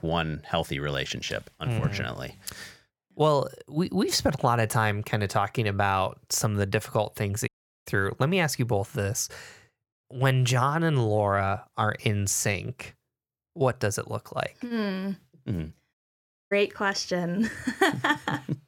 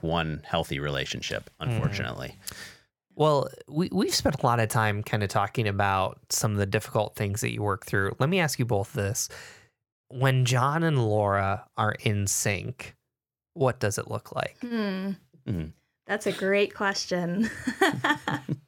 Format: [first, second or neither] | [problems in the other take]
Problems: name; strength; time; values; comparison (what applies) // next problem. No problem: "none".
second | audio cutting out; at 7.5 s and at 16 s for 0.5 s